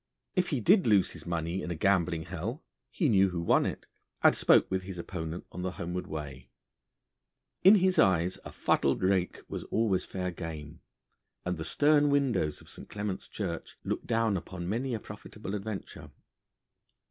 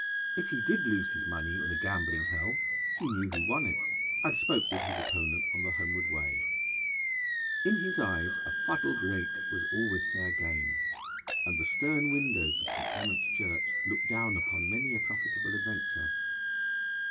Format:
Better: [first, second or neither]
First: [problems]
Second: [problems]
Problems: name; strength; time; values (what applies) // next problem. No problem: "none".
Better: first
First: none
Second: background sound (Animal); 4 dB above the speech // room echo; dies away in 2.5 s